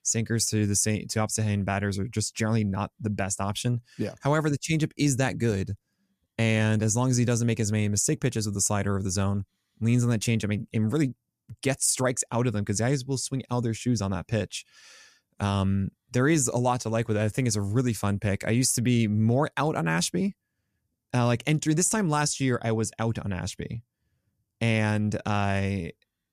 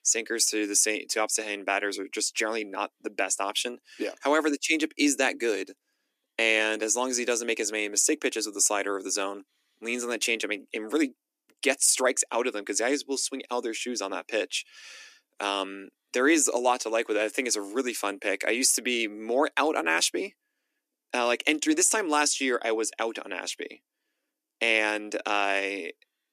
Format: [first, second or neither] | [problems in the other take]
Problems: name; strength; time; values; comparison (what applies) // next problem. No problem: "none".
first | thin; somewhat; fading below 300 Hz